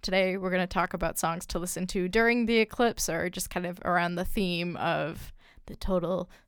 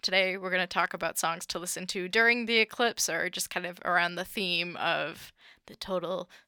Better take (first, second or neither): first